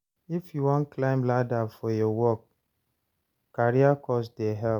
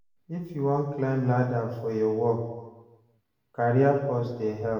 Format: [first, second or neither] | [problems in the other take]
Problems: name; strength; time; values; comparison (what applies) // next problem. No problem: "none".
first | room echo; dies away in 1.1 s